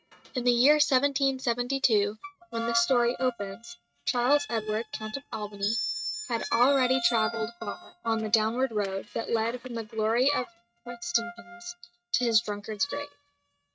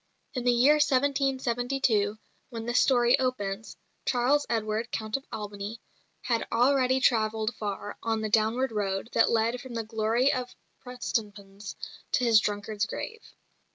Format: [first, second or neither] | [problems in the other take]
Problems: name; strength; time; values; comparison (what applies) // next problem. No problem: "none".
second | noise reduction (neural mask model RNNoise)